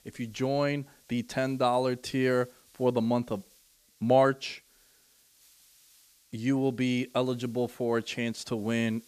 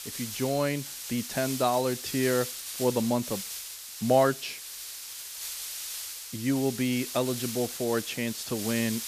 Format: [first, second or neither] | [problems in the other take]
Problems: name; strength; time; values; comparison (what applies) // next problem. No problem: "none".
first | hiss; loud; throughout; 7 dB below the speech; faint in the first